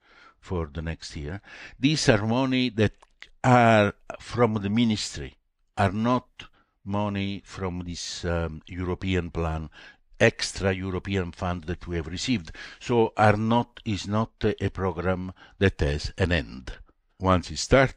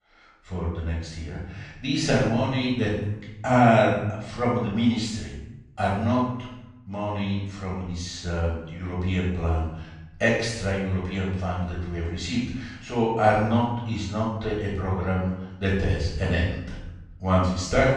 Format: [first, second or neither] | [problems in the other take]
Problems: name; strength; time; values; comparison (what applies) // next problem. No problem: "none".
first | off-mic speech; far // room echo; strong; dies away in 0.8 s